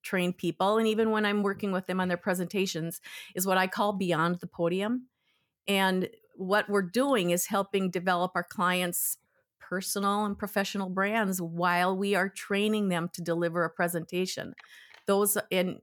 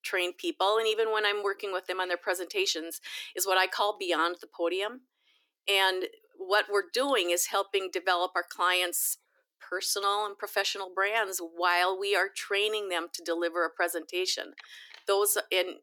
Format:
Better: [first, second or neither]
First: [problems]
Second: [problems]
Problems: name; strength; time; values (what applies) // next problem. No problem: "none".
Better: first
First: none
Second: thin; very; fading below 300 Hz